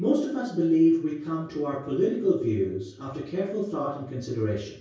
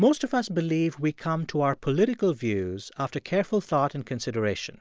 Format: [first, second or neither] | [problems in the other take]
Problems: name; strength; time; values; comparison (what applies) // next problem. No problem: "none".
second | room echo; dies away in 0.6 s